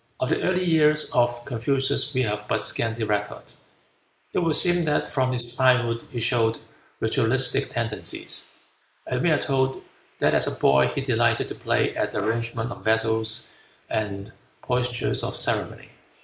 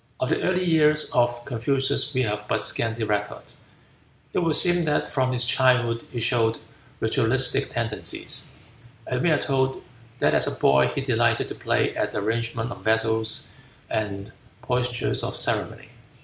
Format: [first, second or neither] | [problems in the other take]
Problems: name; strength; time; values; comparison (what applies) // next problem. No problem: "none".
second | noise reduction (neural mask model Resemble Enhance denoiser)